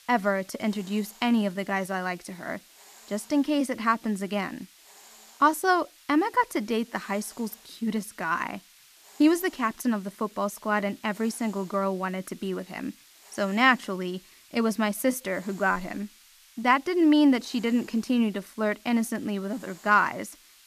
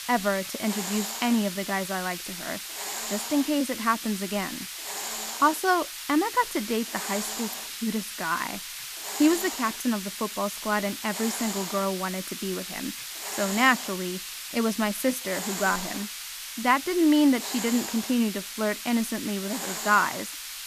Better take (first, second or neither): first